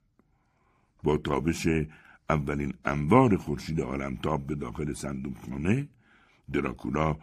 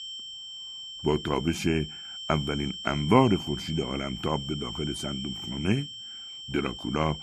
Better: first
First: none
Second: high-pitched whine; loud; throughout; 3 kHz, 8 dB below the speech

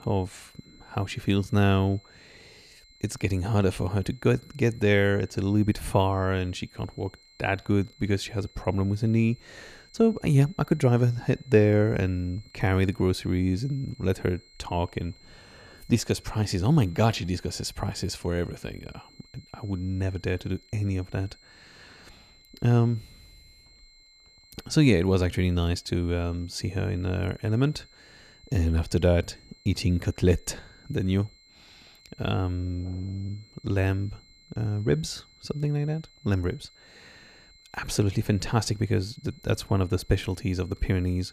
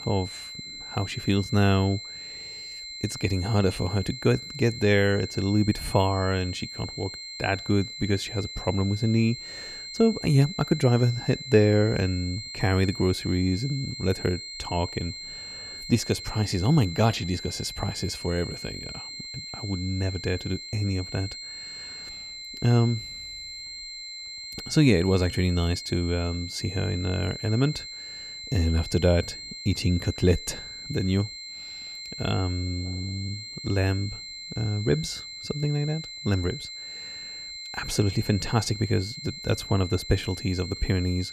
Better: first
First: high-pitched whine; faint; throughout; 4 kHz, 30 dB below the speech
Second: high-pitched whine; loud; throughout; 4 kHz, 10 dB below the speech

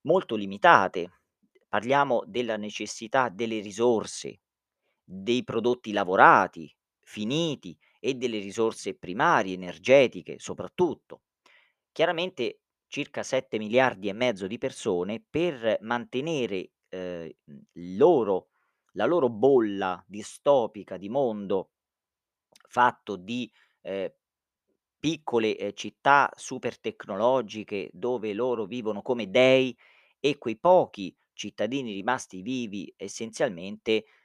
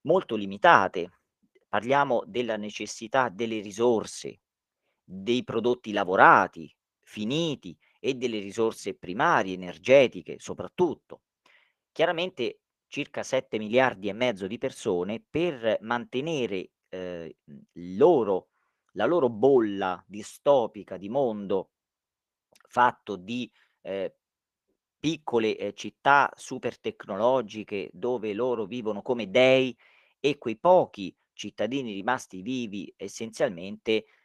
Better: first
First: none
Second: garbled, watery; slightly

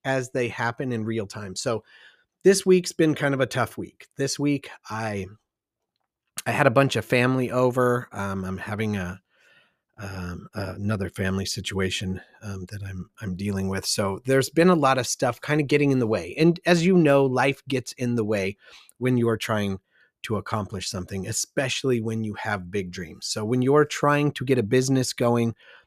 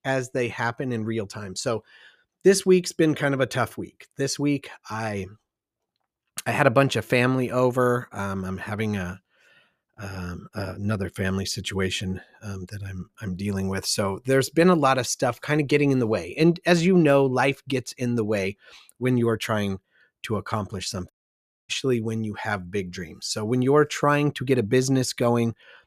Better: first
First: none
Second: audio cutting out; at 21 s for 0.5 s

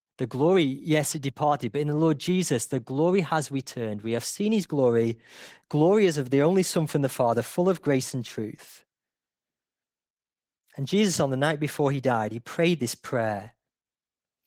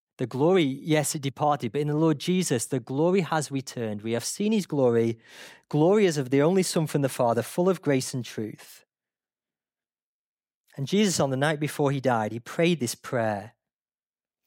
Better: second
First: garbled, watery; slightly; nothing above 17 kHz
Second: none

